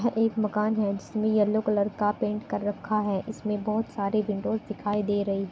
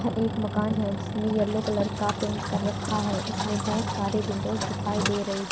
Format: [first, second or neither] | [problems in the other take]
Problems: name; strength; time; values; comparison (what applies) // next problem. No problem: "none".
first | background sound (Engine); 2 dB below the speech